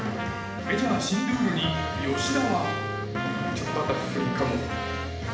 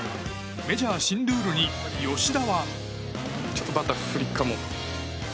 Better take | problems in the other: second | background sound (Trumpet); 8 dB below the speech // room echo; dies away in 0.8 s

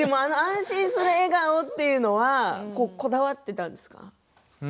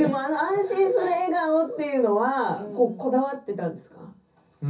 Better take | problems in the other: first | room echo; dies away in 0.3 s

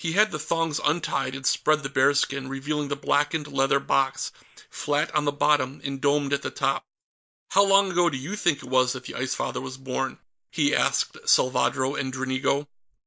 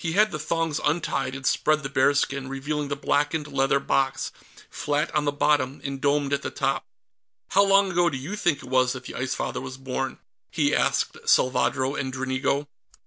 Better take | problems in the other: second | noise reduction (neural mask model Resemble Enhance denoiser)

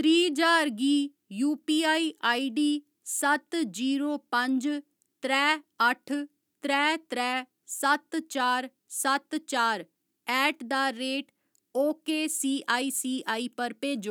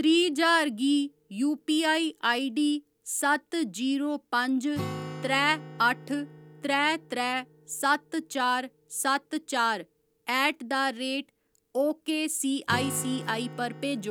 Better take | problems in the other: first | background sound (Acoustic guitar); 16 dB below the speech

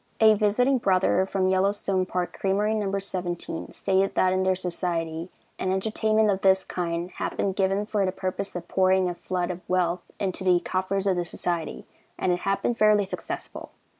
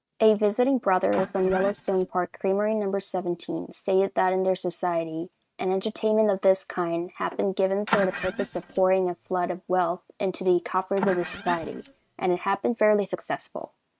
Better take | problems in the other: first | noise reduction (neural mask model RNNoise)

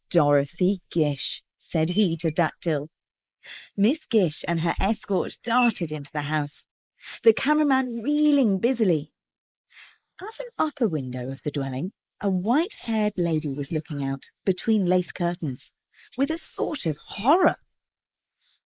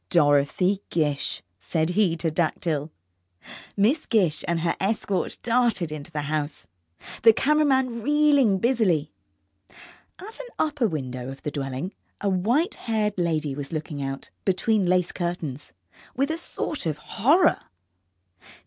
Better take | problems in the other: second | noise reduction (neural mask model Resemble Enhance denoiser)

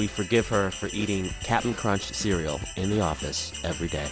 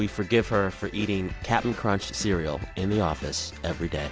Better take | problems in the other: second | background sound (Bell); 13 dB below the speech

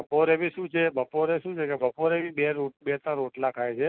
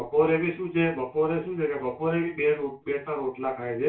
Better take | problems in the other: first | room echo; dies away in 0.2 s

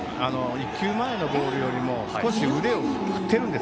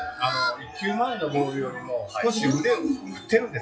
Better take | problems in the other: first | noise reduction (classical method WPE with log-MMSE)

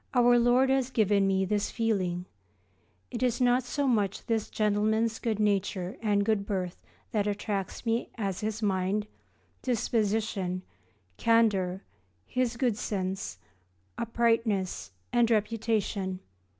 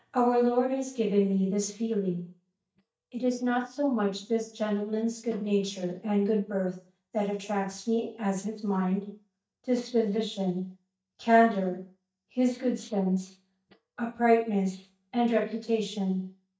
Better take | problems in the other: first | noise reduction (neural mask model DeepFilterNet 3)

